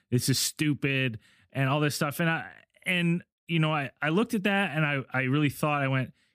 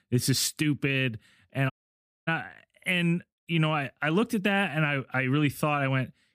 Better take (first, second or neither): first